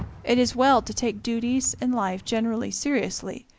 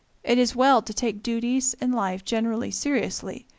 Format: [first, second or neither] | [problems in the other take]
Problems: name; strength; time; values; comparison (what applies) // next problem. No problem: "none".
second | background sound (Car); 19 dB below the speech